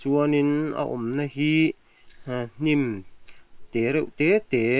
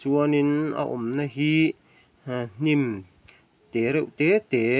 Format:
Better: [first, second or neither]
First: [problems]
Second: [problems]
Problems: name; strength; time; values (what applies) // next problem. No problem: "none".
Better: second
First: noise reduction (neural separator model SepFormer WHAM!)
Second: none